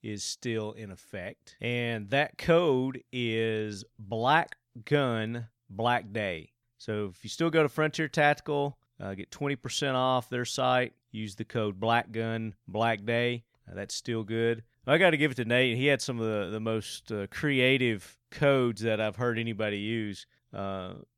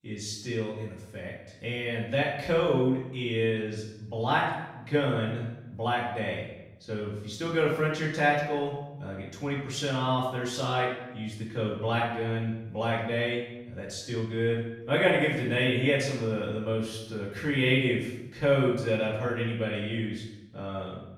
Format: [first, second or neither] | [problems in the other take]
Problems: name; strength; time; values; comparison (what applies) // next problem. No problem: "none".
first | off-mic speech; far // room echo; noticeable; dies away in 0.8 s